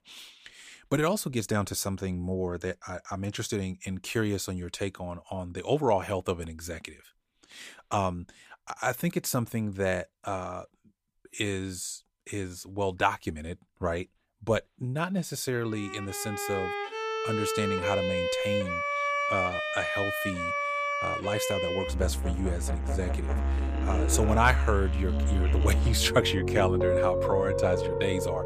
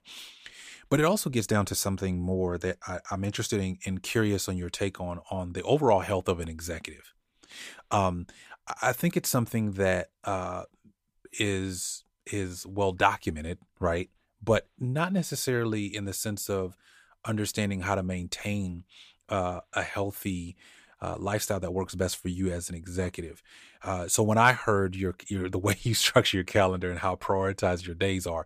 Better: second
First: background music; very loud; from 16 s on; 2 dB above the speech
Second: none

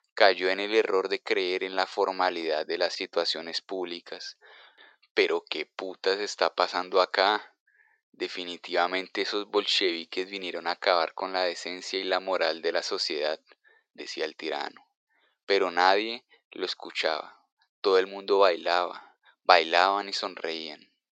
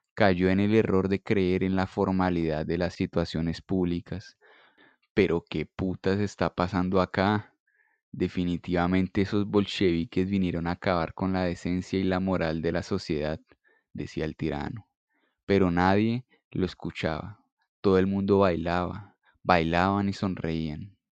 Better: second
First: thin; very; fading below 450 Hz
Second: none

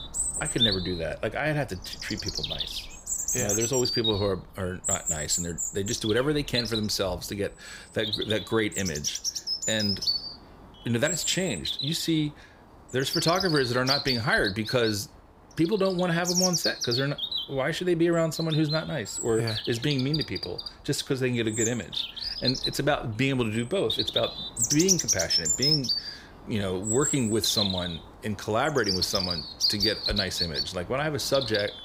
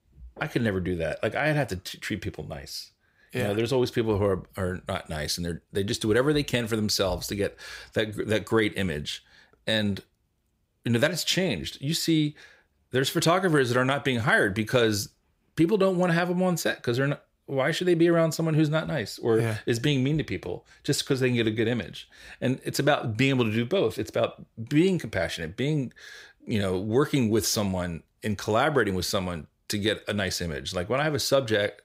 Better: second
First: animal sounds; loud; throughout; as loud as the speech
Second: none

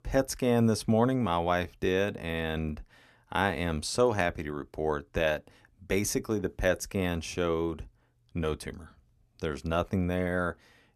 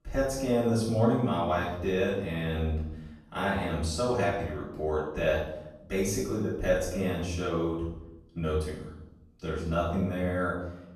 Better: first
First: none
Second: off-mic speech; far // room echo; noticeable; dies away in 0.8 s

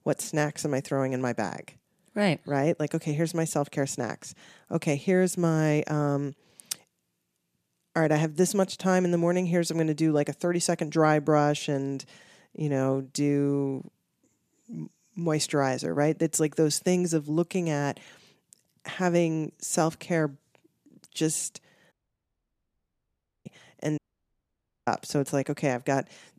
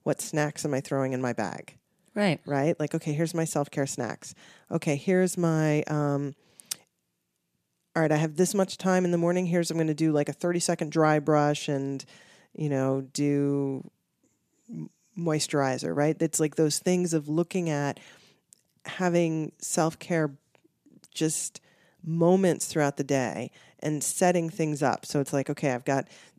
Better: second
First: audio cutting out; at 22 s for 1.5 s and at 24 s for 1 s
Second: none

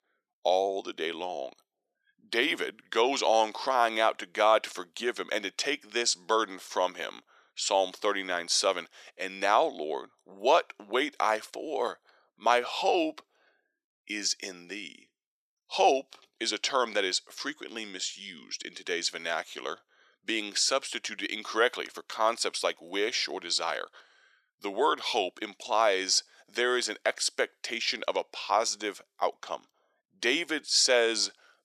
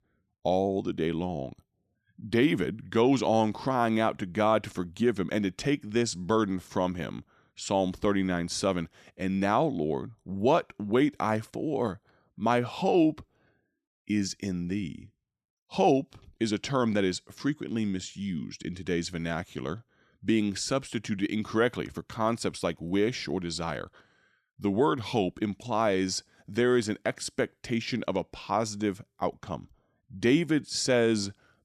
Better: second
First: thin; very; fading below 500 Hz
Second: none

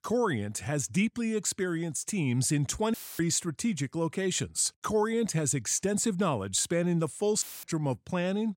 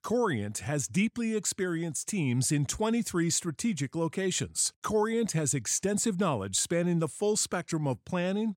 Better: second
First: audio cutting out; filled with static; at 3 s and at 7.5 s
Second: none

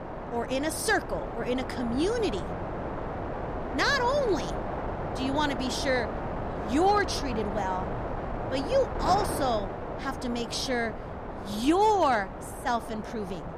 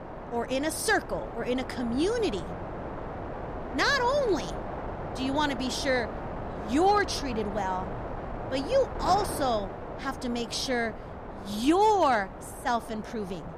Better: second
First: wind noise on the microphone; heavy; 7 dB below the speech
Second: wind noise on the microphone; occasional gusts; 10 dB below the speech

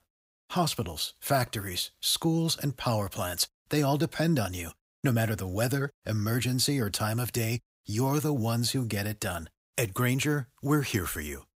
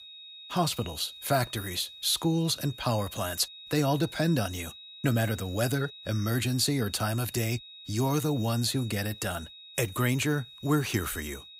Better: first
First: none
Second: high-pitched whine; noticeable; throughout; 4 kHz, 15 dB below the speech

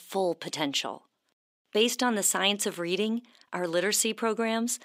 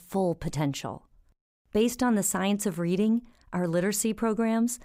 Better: second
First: thin; very slightly; fading below 250 Hz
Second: none

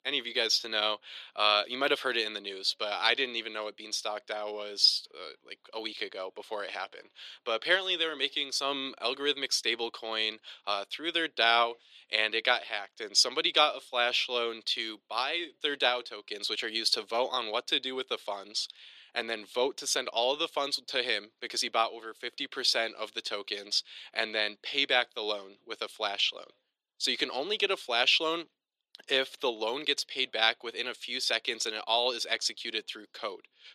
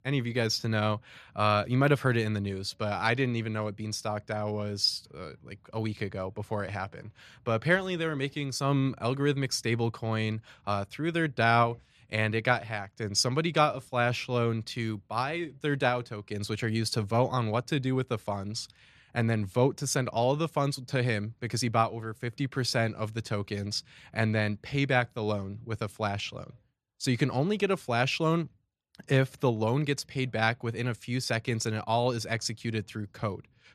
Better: second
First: thin; very; fading below 350 Hz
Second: none

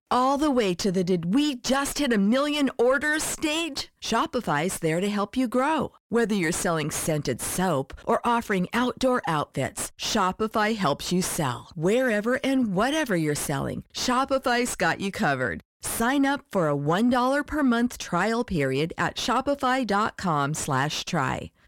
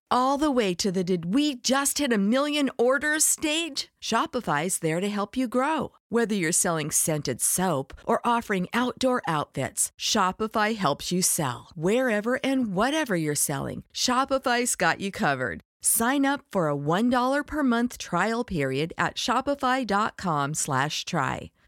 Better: second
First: distortion; slight; 8 dB below the speech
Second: none

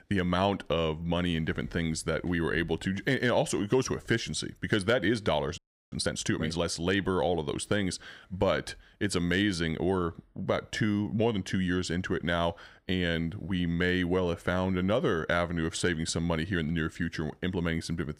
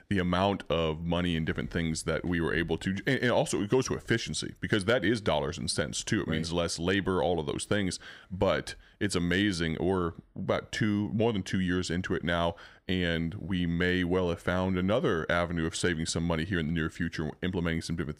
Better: second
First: audio freezing; at 5.5 s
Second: none

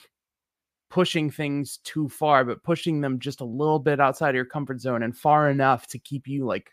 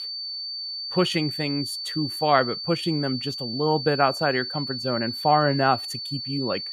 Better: first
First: none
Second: high-pitched whine; loud; throughout; 4.5 kHz, 5 dB below the speech

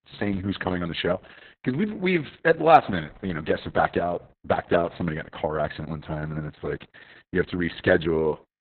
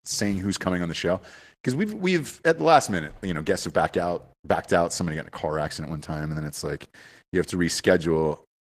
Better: second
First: garbled, watery; badly; nothing above 4 kHz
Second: garbled, watery; slightly; nothing above 14.5 kHz

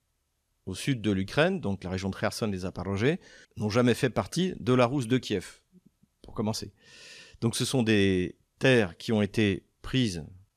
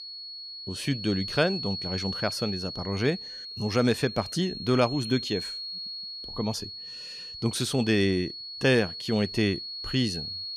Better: first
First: none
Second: high-pitched whine; loud; throughout; 4.5 kHz, 7 dB below the speech

